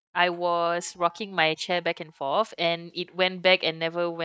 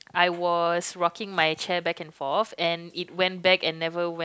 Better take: second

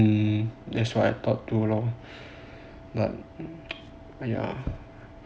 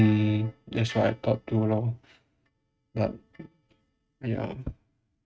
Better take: first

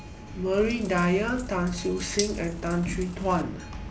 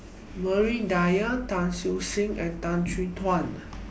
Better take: second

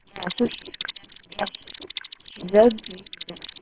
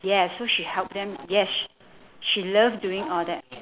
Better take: second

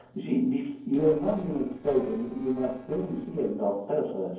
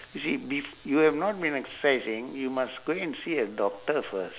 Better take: second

